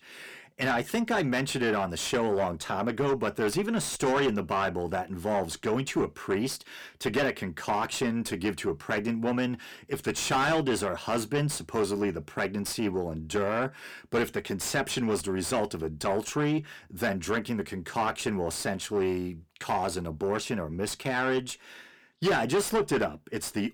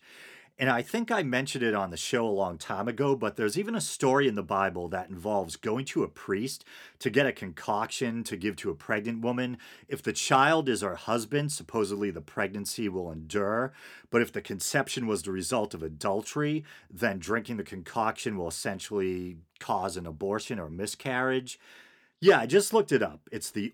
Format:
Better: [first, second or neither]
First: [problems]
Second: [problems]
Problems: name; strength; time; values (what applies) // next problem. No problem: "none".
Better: second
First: distortion; heavy; 6 dB below the speech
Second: none